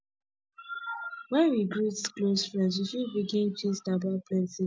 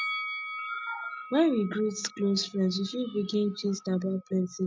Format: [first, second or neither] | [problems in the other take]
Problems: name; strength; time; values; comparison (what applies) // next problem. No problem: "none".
first | background sound (Bell); 11 dB below the speech